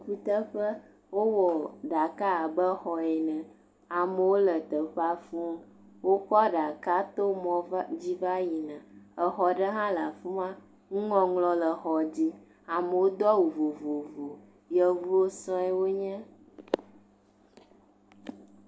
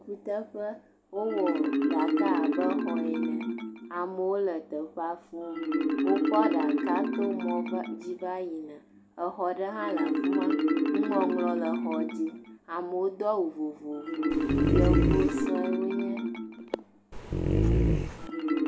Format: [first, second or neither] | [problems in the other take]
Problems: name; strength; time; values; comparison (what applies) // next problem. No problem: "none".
first | background sound (Marimba, xylophone + Dog); 4 dB above the speech